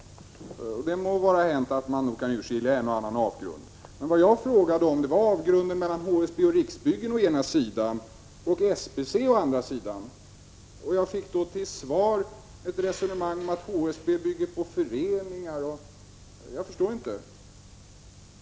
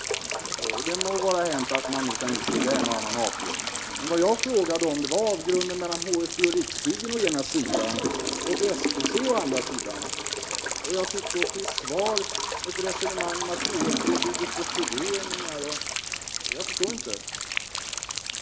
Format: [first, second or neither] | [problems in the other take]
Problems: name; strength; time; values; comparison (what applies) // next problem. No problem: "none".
first | background sound (Toilet flush / Gurgling + Rain); 1 dB below the speech